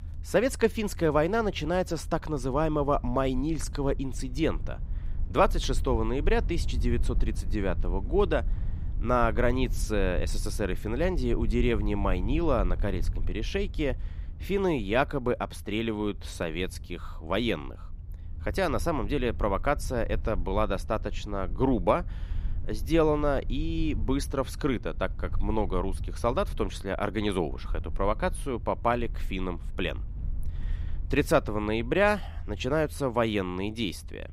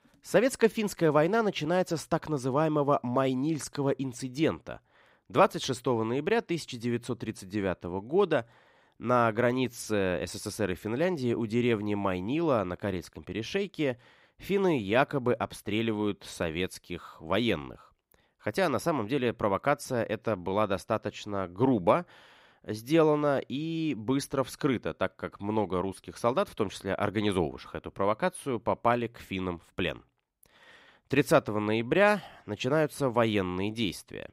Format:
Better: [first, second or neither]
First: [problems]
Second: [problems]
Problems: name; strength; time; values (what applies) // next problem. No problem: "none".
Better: second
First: low rumble; faint; throughout; 25 dB below the speech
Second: none